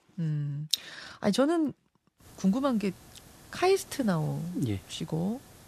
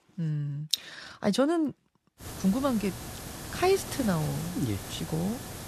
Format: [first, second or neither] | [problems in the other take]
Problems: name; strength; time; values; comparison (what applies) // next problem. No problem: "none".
first | hiss; loud; from 2 s on; 10 dB below the speech; faint in the first